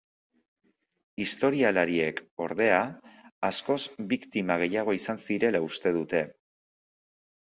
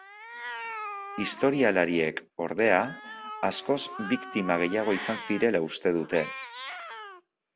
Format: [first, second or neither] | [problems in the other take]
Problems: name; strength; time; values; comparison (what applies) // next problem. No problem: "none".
first | background sound (Cat); 12 dB below the speech